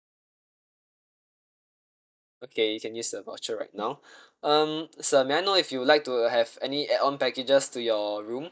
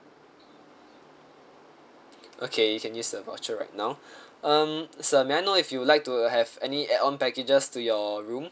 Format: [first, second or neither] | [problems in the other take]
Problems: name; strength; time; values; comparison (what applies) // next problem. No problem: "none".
second | noise reduction (neural mask model DeepFilterNet 3)